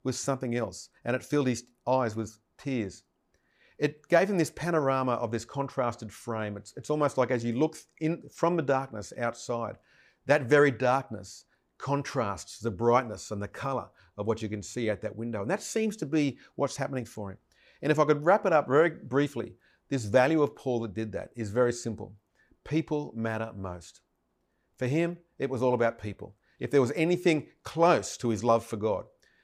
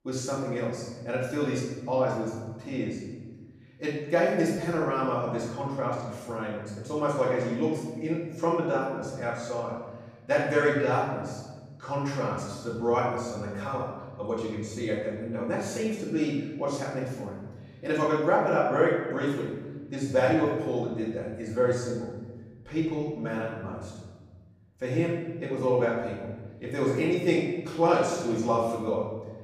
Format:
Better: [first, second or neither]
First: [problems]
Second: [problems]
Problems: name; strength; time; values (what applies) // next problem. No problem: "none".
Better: first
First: none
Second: room echo; noticeable; dies away in 1.2 s // off-mic speech; far